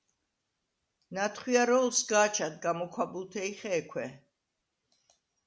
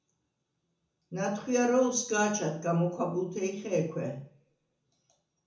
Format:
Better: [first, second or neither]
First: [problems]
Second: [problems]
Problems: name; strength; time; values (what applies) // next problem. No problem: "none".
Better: first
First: none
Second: room echo; dies away in 0.6 s